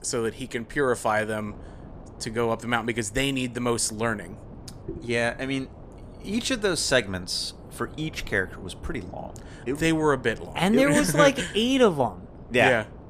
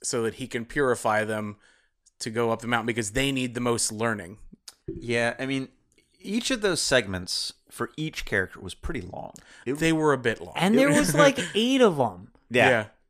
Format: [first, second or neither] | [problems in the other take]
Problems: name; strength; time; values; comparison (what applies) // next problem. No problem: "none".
second | wind noise on the microphone; occasional gusts; 25 dB below the speech